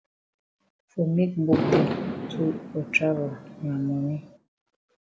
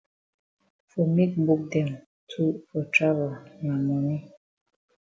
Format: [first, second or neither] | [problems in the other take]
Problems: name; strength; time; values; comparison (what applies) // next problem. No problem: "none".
second | background sound (Fireworks); 1 dB below the speech